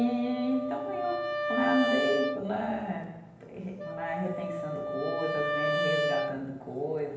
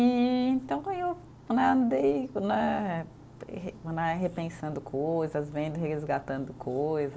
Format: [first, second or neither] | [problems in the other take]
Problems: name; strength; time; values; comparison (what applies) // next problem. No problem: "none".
second | background sound (Wind instrument, woodwind instrument); as loud as the speech // room echo; dies away in 0.9 s